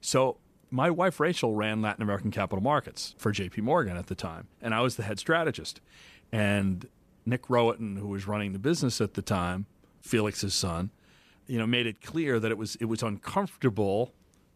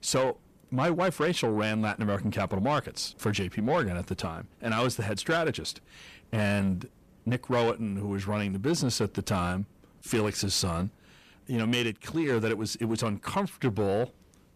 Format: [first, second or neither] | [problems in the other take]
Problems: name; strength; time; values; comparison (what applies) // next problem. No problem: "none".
first | distortion; slight; 10 dB below the speech